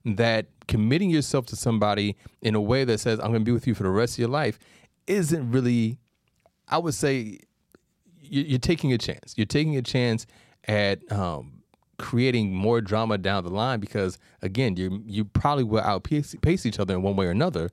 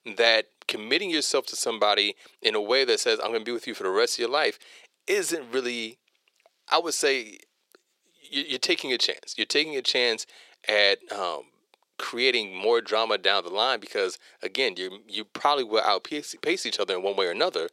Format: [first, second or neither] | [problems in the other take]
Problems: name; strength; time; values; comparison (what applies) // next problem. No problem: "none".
first | thin; very; fading below 400 Hz